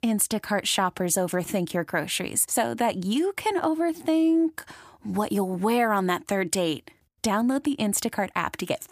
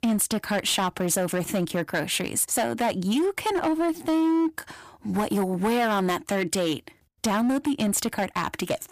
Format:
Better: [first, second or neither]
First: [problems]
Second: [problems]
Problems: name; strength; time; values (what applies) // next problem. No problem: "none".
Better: first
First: none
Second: distortion; slight; 14% of the sound clipped